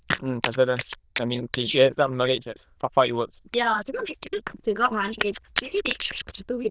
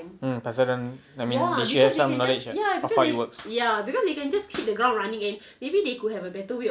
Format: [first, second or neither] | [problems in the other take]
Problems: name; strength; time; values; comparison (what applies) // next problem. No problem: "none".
second | noise reduction (neural diffusion model UNIVERSE++)